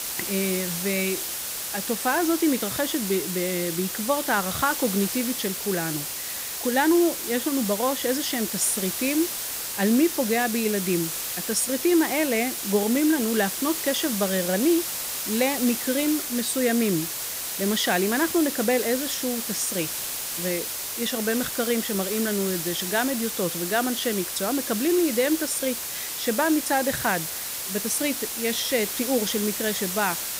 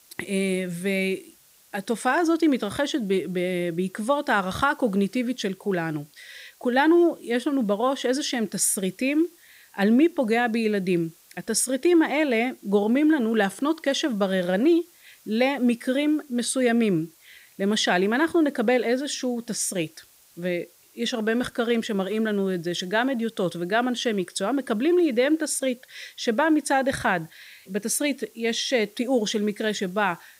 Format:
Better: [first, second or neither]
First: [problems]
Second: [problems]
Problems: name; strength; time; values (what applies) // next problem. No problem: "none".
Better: second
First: hiss; loud; throughout; 3 dB below the speech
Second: hiss; faint; throughout; 30 dB below the speech